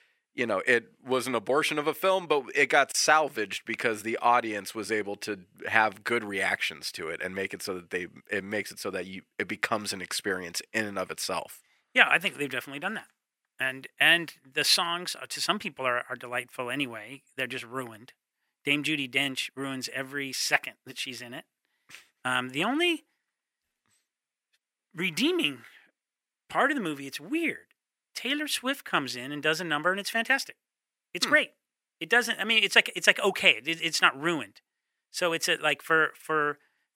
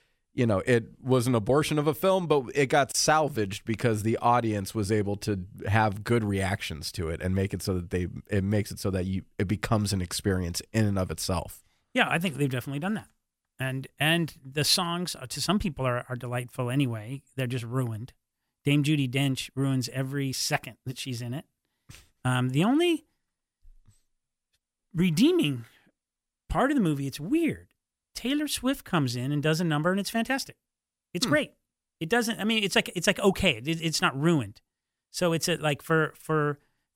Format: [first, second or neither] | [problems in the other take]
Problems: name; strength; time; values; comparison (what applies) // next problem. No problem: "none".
second | thin; somewhat; fading below 350 Hz